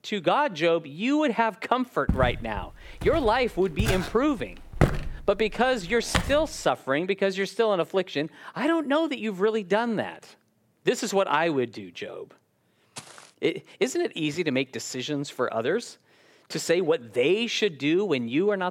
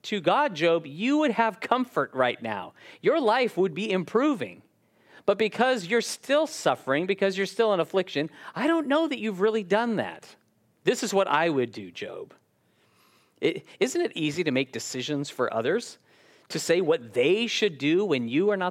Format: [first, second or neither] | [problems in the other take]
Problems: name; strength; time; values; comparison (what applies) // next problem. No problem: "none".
second | footsteps; loud; from 2 to 6.5 s; peak 1 dB above the speech // footsteps; faint; at 13 s; peak 15 dB below the speech